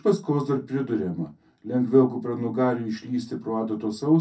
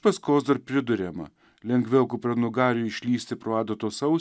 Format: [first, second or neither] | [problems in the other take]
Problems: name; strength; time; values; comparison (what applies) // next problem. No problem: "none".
second | room echo; dies away in 0.3 s